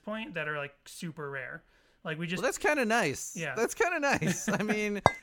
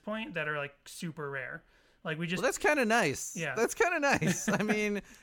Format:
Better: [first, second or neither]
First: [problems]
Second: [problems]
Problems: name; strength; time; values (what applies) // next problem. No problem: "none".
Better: second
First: clattering dishes; very faint; at 5 s; peak 2 dB above the speech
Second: none